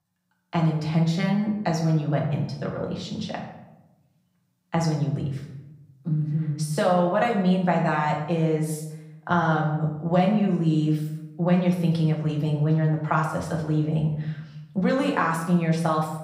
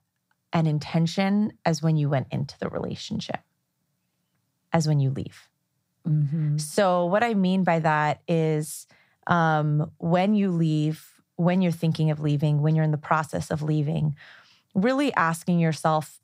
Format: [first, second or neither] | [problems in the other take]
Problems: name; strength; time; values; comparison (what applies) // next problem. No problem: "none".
second | room echo; noticeable; dies away in 0.7 s // off-mic speech; far